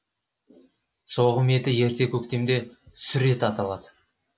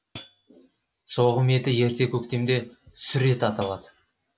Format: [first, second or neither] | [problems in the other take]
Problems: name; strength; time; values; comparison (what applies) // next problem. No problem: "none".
first | background sound (Hi-hat); 19 dB below the speech